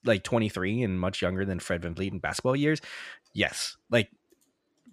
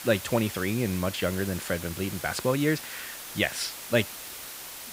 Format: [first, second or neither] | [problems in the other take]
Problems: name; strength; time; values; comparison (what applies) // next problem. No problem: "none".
first | hiss; loud; throughout; 9 dB below the speech